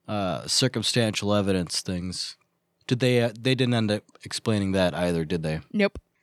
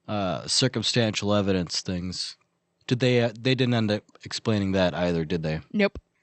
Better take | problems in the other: first | garbled, watery; slightly; nothing above 8.5 kHz

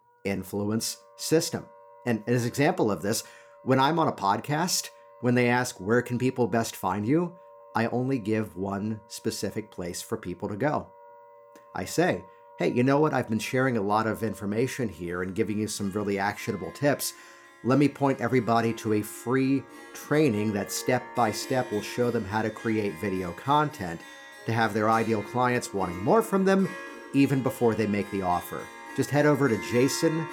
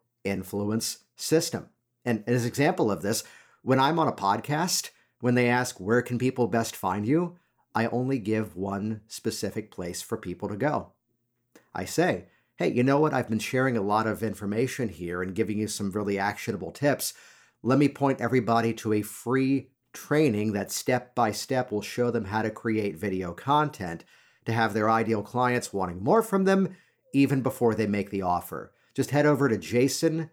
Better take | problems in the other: second | background music; noticeable; throughout; 20 dB below the speech

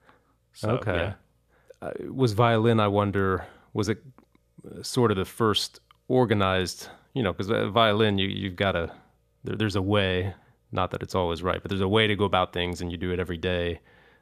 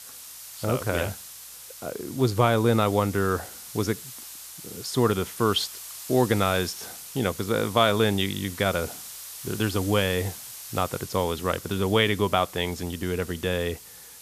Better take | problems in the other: first | hiss; noticeable; throughout; 15 dB below the speech

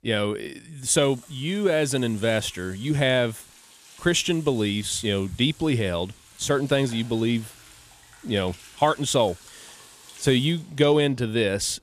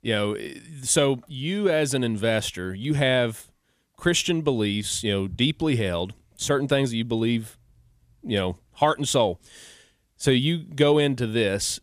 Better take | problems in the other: second | household noises; faint; throughout; 25 dB below the speech

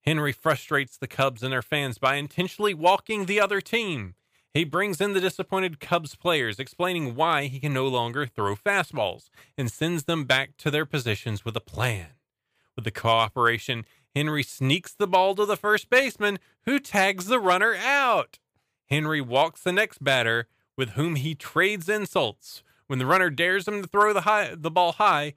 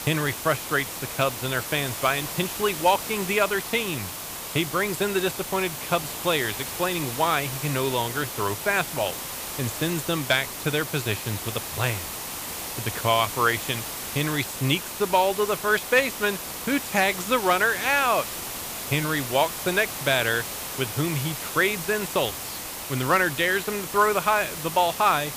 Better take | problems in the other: first | hiss; loud; throughout; 6 dB below the speech

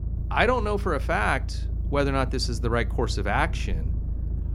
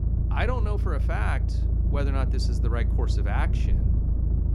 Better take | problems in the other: first | low rumble; loud; throughout; 8 dB below the speech; faint in the first

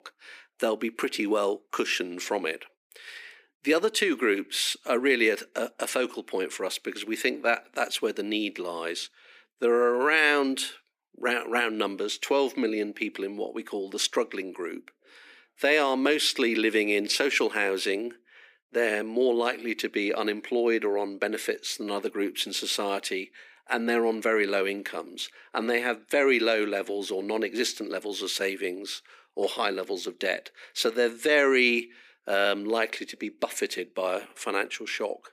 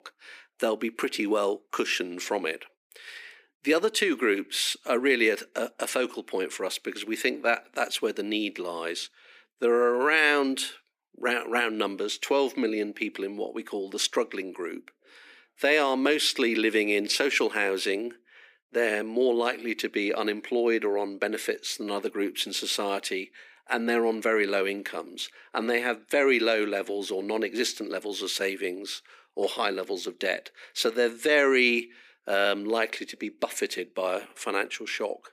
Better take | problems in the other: neither | thin; very slightly; fading below 250 Hz; the same in both

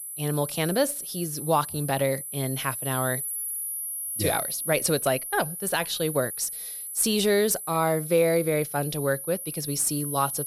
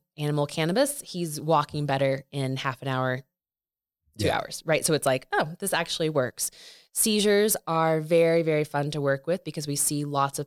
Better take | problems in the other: second | high-pitched whine; loud; throughout; 10.5 kHz, 5 dB below the speech

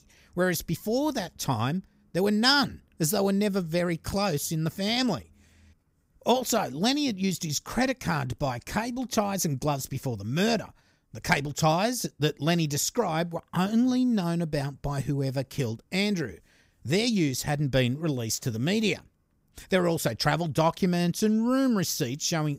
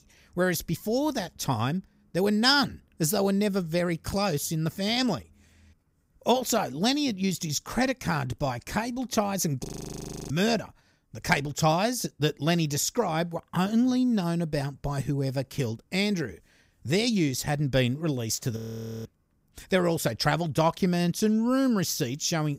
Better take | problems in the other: first | audio freezing; at 9.5 s for 0.5 s and at 19 s

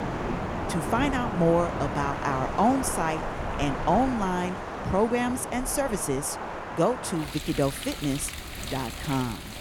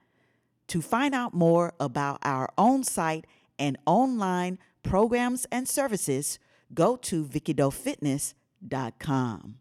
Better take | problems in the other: second | rain or running water; loud; throughout; 5 dB below the speech

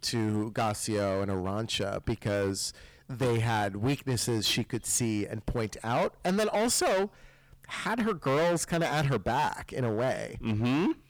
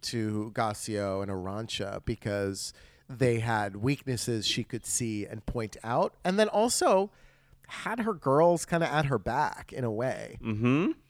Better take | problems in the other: second | distortion; heavy; 14% of the sound clipped

